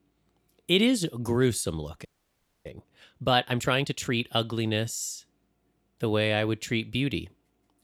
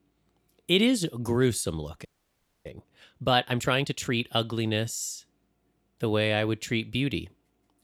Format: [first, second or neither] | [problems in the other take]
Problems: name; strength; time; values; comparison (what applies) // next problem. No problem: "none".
neither | audio freezing; at 2 s for 0.5 s; the same in both